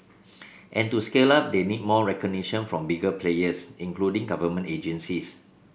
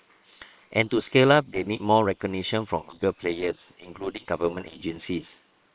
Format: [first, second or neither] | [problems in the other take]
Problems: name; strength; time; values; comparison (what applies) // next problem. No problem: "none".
first | noise reduction (neural separator model SepFormer WHAM!)